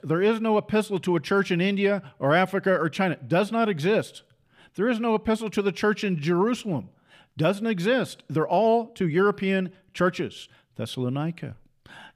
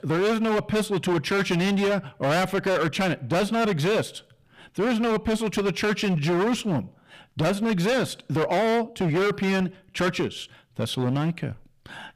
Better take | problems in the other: first | distortion; heavy; 22% of the sound clipped

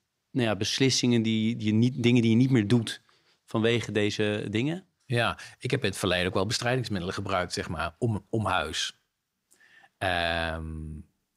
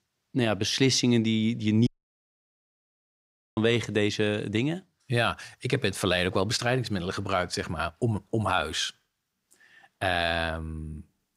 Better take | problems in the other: first | audio cutting out; at 2 s for 1.5 s

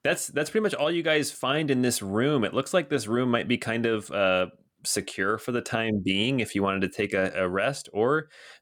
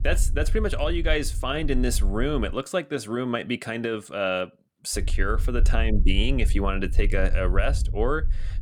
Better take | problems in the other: first | low rumble; faint; until 2.5 s and from 5 s on; 20 dB below the speech

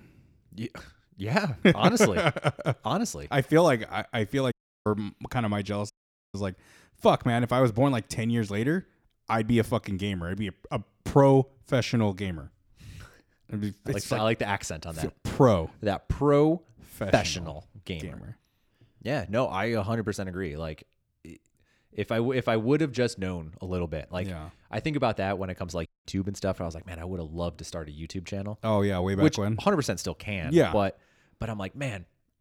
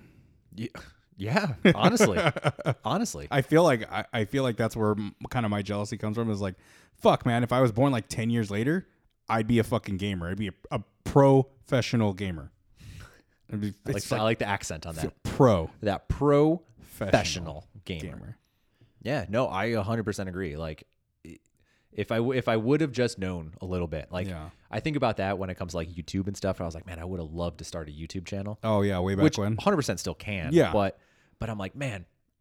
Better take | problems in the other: second | audio cutting out; at 4.5 s, at 6 s and at 26 s

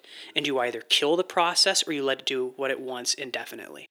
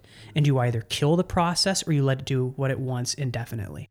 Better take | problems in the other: second | thin; very; fading below 350 Hz

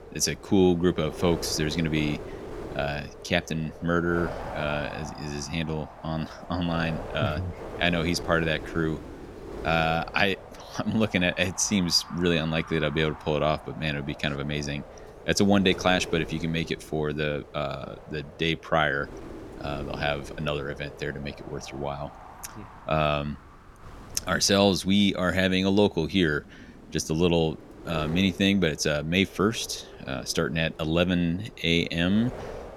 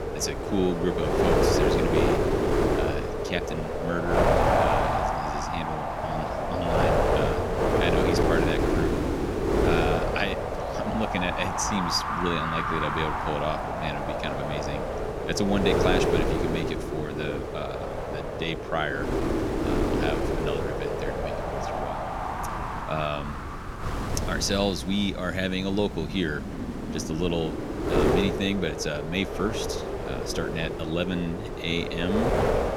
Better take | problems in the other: first | wind noise on the microphone; heavy; 4 dB above the speech; occasional gusts in the first

